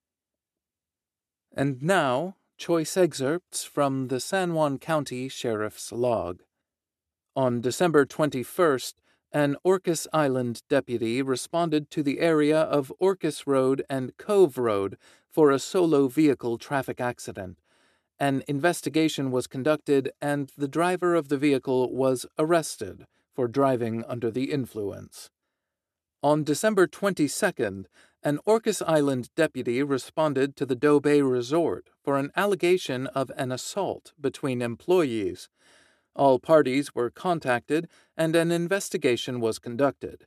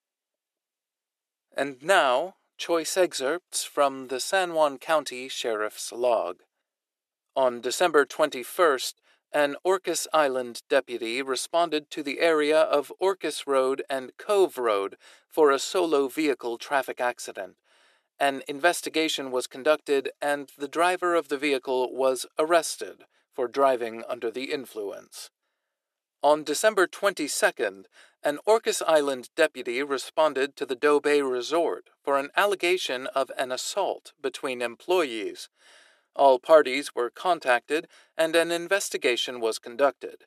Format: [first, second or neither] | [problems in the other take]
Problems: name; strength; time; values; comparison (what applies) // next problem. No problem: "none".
first | thin; somewhat; fading below 550 Hz